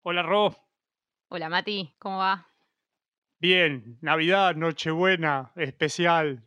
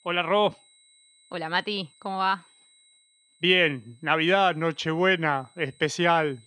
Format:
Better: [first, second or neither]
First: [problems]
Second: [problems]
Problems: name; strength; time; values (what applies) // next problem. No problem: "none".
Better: first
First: none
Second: high-pitched whine; faint; throughout; 4 kHz, 35 dB below the speech